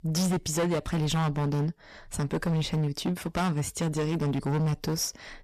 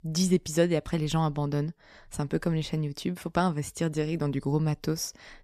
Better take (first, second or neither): second